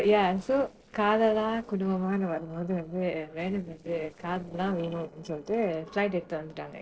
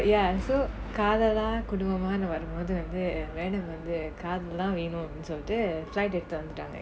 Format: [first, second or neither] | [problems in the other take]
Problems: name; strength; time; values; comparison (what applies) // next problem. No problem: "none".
second | noise reduction (neural separator model SepFormer DNS4)